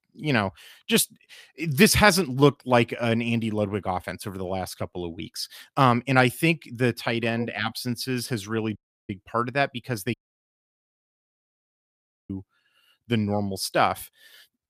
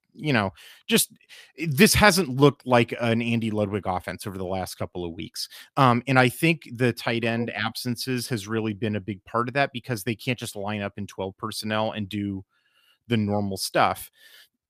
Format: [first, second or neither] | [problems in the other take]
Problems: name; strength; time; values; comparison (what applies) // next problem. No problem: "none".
second | audio cutting out; at 9 s and at 10 s for 2 s